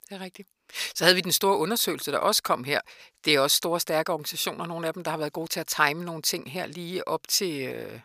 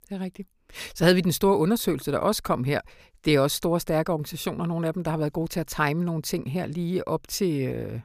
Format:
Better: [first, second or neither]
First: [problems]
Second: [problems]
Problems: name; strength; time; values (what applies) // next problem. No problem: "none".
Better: second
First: thin; somewhat; fading below 1 kHz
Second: none